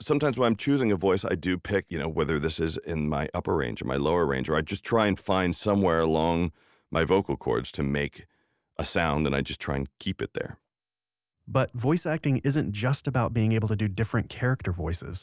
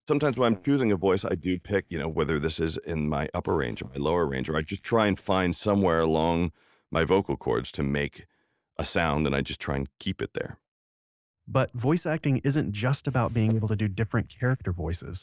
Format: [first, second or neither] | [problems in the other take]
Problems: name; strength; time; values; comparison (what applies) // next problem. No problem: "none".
first | noise reduction (neural mask model DeepFilterNet 3)